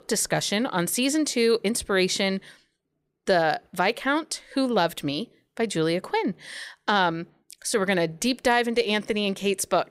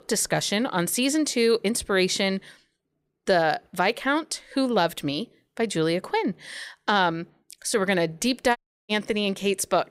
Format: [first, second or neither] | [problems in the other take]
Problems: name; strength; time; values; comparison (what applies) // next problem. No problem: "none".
first | audio cutting out; at 8.5 s